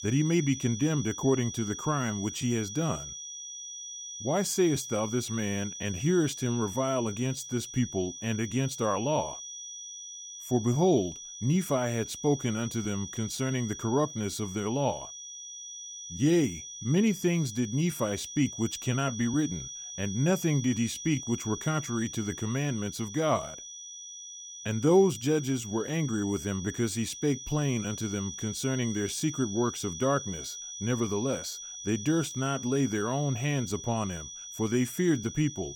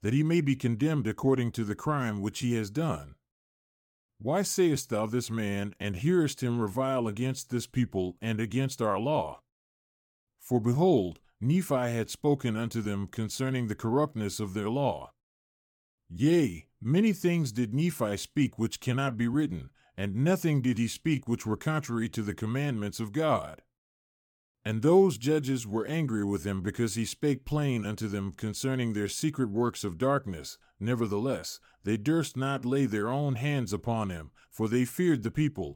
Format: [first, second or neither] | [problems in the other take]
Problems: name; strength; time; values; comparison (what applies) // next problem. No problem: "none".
second | high-pitched whine; loud; throughout; 6 kHz, 9 dB below the speech